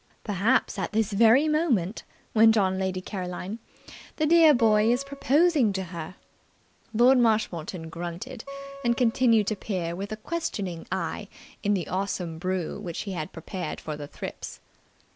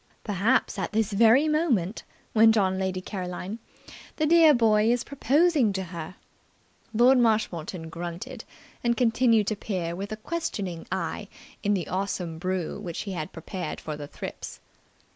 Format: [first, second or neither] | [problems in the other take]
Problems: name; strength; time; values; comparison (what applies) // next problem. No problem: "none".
second | background sound (Acoustic guitar); 17 dB below the speech